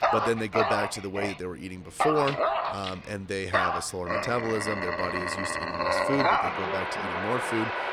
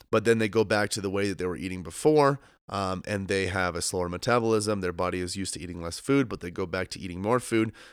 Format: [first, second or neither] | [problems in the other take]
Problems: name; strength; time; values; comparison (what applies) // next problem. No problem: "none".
second | animal sounds; very loud; throughout; 3 dB above the speech